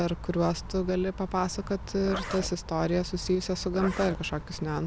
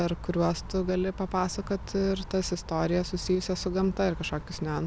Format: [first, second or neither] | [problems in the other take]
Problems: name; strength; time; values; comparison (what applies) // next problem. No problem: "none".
second | background sound (Zipper (clothing)); 12 dB below the speech